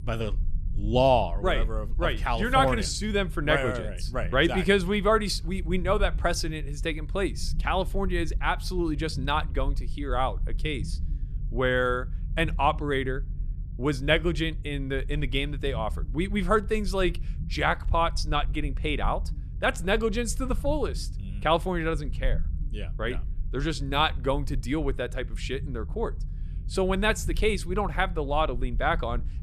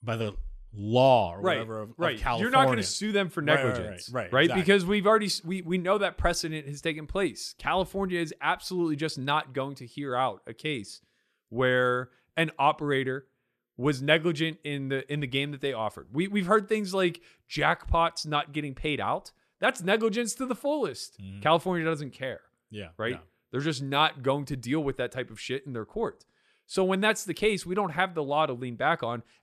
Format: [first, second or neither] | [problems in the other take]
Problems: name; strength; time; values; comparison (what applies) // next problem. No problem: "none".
second | low rumble; faint; throughout; 25 dB below the speech